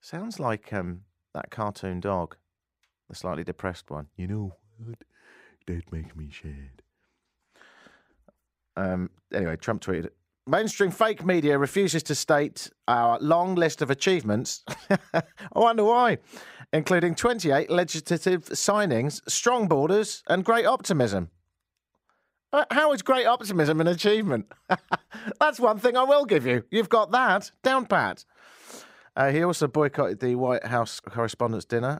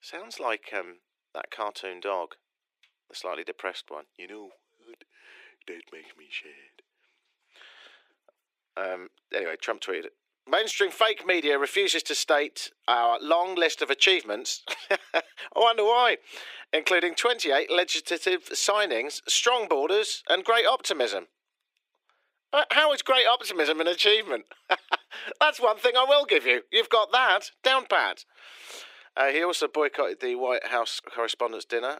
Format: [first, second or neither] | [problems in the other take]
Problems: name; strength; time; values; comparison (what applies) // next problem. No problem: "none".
first | thin; very; fading below 350 Hz